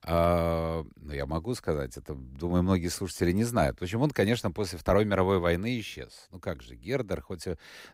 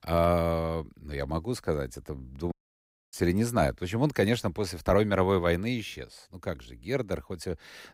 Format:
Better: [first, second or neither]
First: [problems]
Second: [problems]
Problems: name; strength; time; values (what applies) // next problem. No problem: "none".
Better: first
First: none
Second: audio cutting out; at 2.5 s for 0.5 s